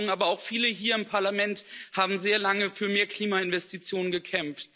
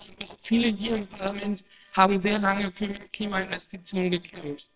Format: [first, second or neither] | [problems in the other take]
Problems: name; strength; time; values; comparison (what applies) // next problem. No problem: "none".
first | noise reduction (neural separator model SepFormer WHAMR!)